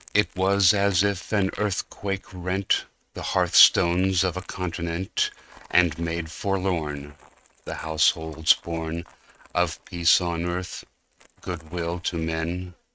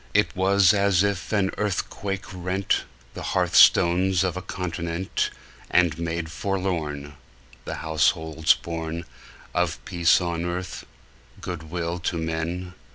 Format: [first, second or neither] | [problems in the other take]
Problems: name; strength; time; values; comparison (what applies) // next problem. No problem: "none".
second | noise reduction (neural mask model RNNoise)